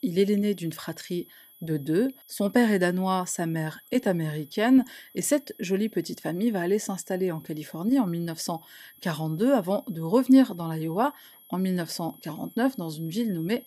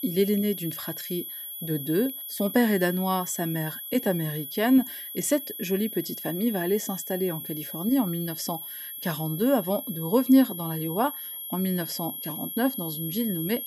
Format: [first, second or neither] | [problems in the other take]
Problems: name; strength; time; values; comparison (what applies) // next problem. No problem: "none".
first | high-pitched whine; loud; throughout; 11.5 kHz, 7 dB below the speech; faint in the first